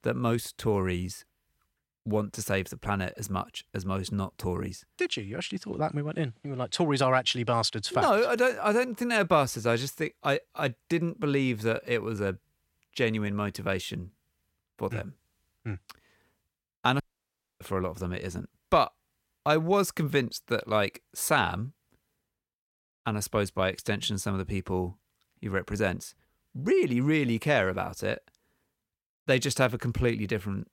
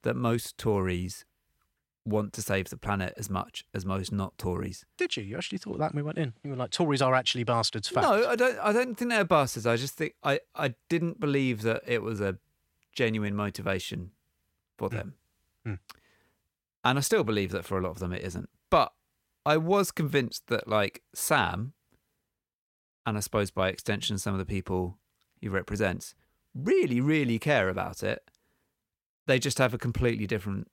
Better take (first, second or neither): second